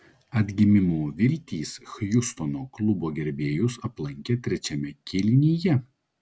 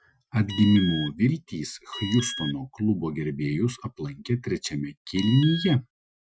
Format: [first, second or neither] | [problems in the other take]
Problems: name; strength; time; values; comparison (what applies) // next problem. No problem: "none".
first | noise reduction (classical method Wiener filter)